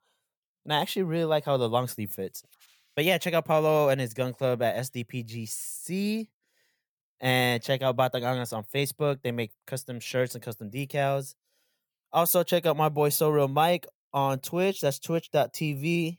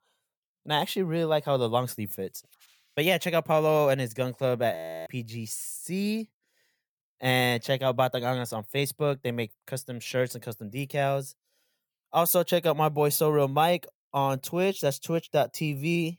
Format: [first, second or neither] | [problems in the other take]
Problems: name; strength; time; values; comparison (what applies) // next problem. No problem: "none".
first | audio freezing; at 5 s